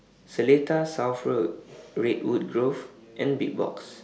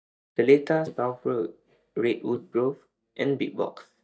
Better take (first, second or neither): first